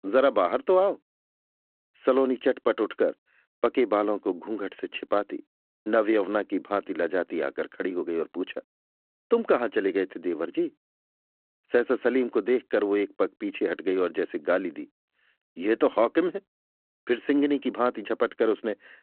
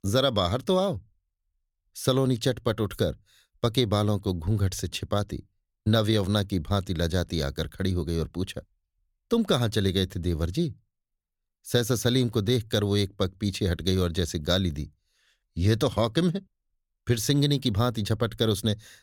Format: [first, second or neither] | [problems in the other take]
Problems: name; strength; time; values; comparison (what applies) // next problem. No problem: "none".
second | phone-call audio